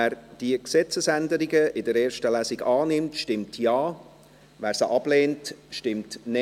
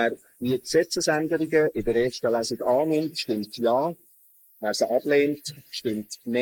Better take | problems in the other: first | noise reduction (neural mask model Resemble Enhance denoiser)

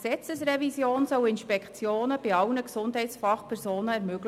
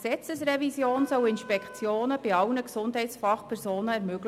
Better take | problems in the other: first | background sound (Wind instrument, woodwind instrument); 19 dB below the speech

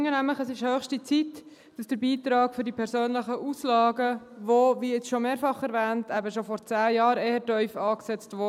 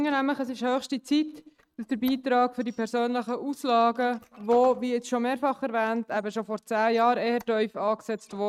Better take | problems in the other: first | noise reduction (neural mask model RNNoise)

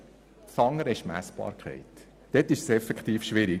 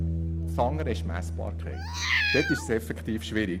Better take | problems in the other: first | background sound (Bass guitar + Meow); 1 dB above the speech

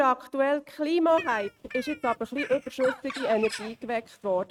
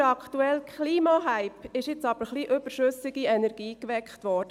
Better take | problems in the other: second | noise reduction (neural mask model RNNoise)

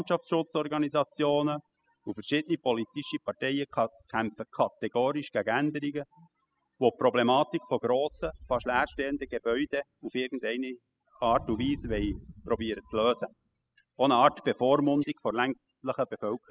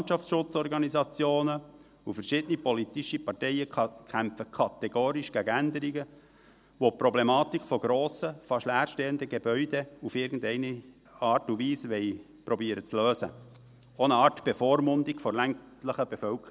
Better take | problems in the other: second | noise reduction (classical method spectral subtraction)

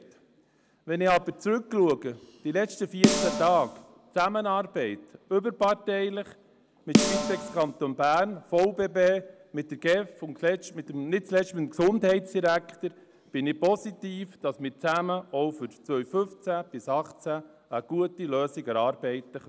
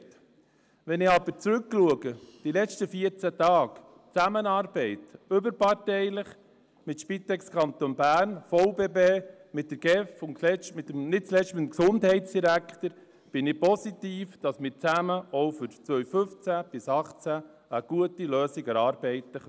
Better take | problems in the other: second | background sound (Snare drum); 1 dB below the speech

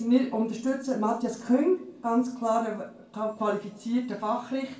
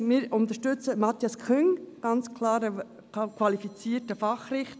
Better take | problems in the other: second | room echo; dies away in 0.3 s

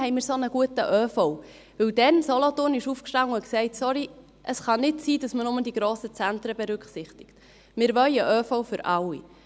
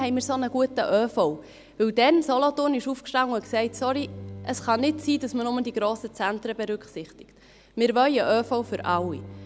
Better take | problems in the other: first | background sound (Bowed string instrument); 20 dB below the speech

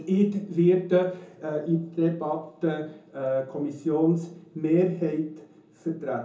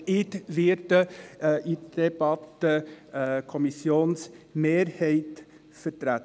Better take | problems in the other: second | room echo; dies away in 0.5 s

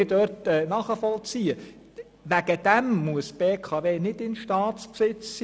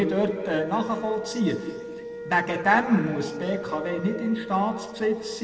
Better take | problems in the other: first | background sound (Wind instrument, woodwind instrument); 12 dB below the speech // room echo; dies away in 1.9 s

